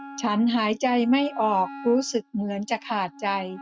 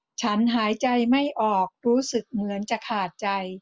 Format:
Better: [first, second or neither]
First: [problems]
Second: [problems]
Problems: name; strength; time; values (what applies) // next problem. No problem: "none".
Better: second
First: noise reduction (neural mask model RNNoise)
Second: none